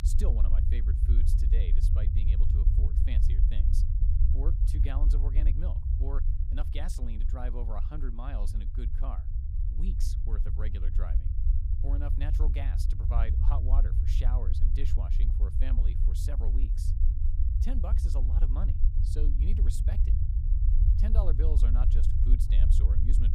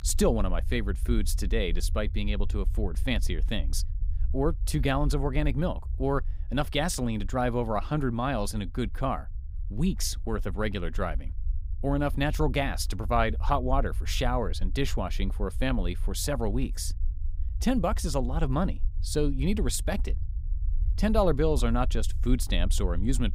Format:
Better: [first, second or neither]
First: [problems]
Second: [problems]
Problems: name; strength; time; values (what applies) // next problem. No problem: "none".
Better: second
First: low rumble; loud; throughout; 2 dB below the speech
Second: low rumble; faint; throughout; 25 dB below the speech